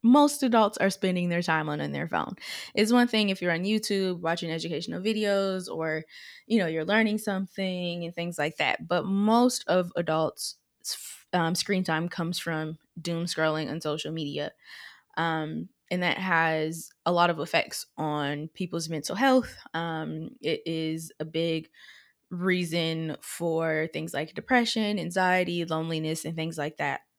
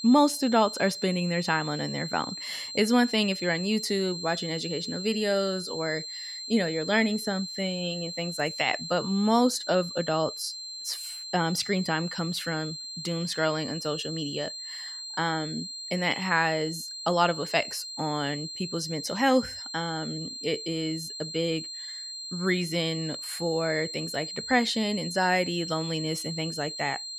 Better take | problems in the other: first | high-pitched whine; loud; throughout; 4 kHz, 7 dB below the speech

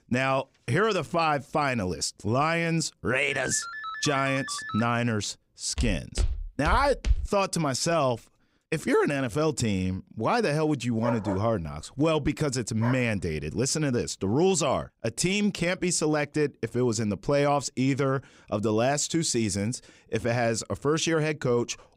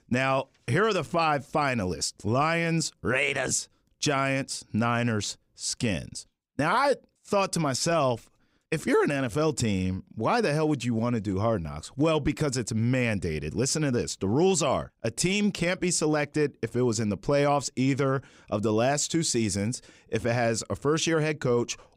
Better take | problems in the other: second | phone ringing; noticeable; from 3.5 to 5 s; peak 8 dB below the speech // footsteps; noticeable; from 6 to 7.5 s; peak 4 dB below the speech // dog barking; noticeable; from 11 to 13 s; peak 7 dB below the speech

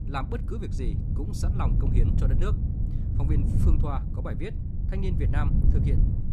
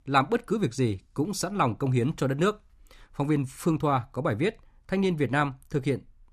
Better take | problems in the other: second | wind noise on the microphone; heavy; 2 dB below the speech

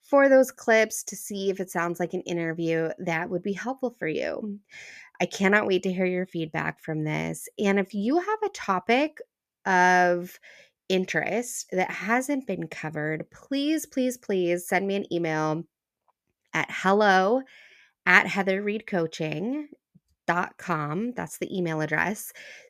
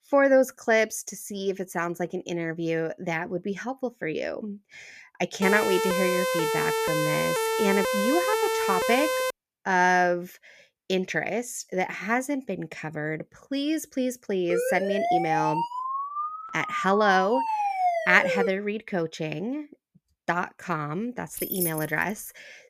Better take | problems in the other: first | siren; loud; from 5.5 to 9.5 s and from 15 to 18 s; peak 2 dB above the speech // jangling keys; noticeable; at 21 s; peak 1 dB below the speech

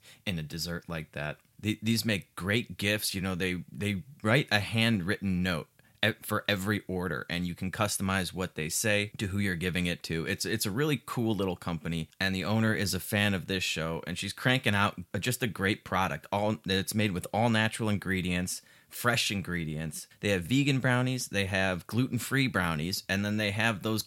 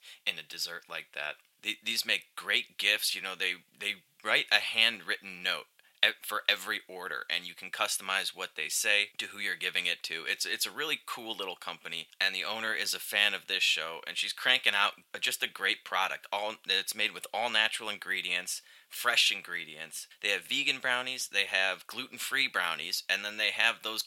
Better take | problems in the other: first | thin; very; fading below 700 Hz

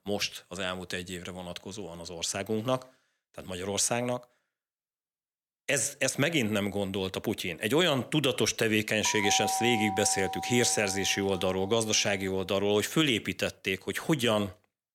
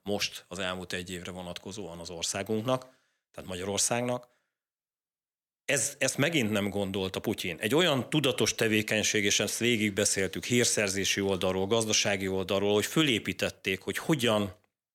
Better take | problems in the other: second | doorbell; noticeable; from 9 to 12 s; peak 3 dB below the speech

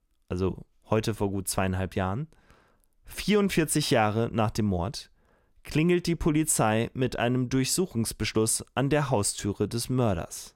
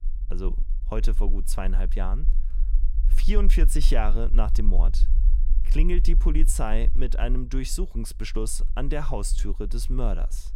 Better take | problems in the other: first | low rumble; noticeable; throughout; 20 dB below the speech

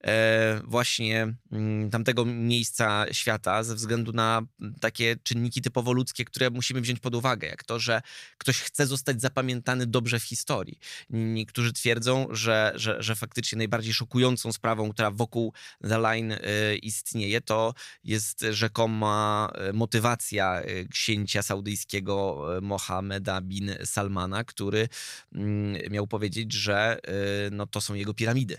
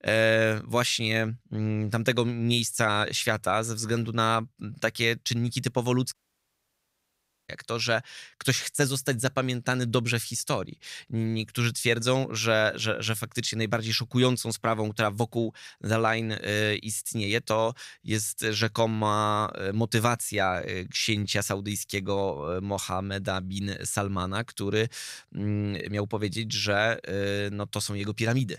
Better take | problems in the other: first | audio cutting out; at 6 s for 1.5 s

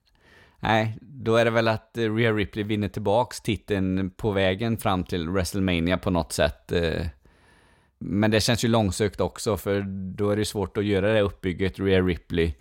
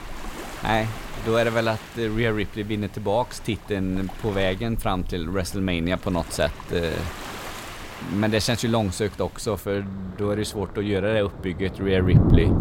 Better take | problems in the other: first | rain or running water; loud; throughout; 5 dB below the speech

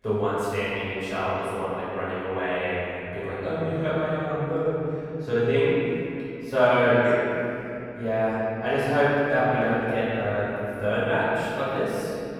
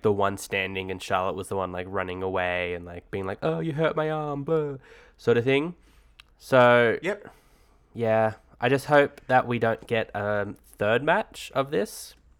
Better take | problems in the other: second | off-mic speech; far // room echo; strong; dies away in 3 s

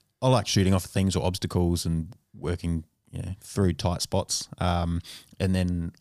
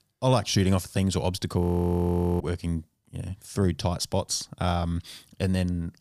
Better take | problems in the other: first | audio freezing; at 1.5 s for 1 s

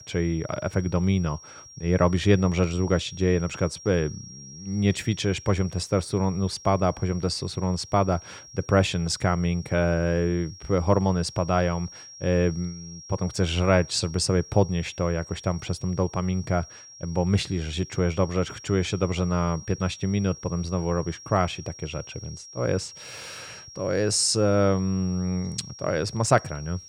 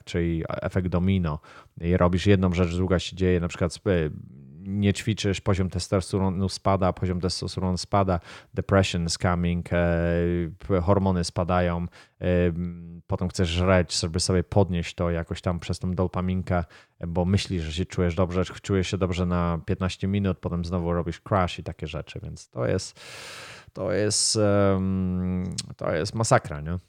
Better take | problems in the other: second | high-pitched whine; noticeable; throughout; 5.5 kHz, 15 dB below the speech

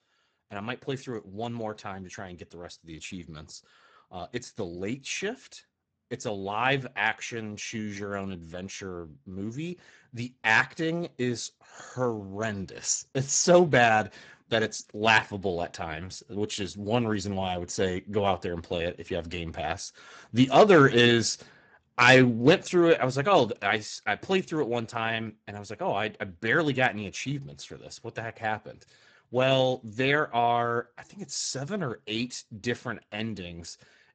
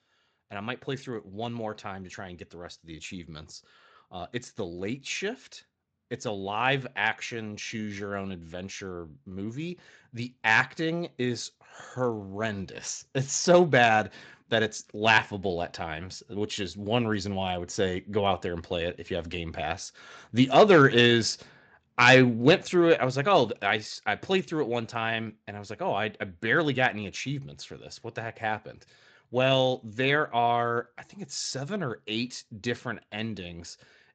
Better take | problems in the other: second | garbled, watery; badly; nothing above 7.5 kHz; slightly in the second

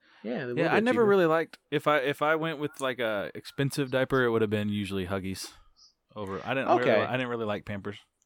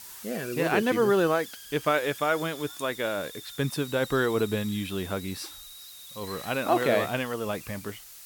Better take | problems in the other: first | hiss; noticeable; throughout; 15 dB below the speech

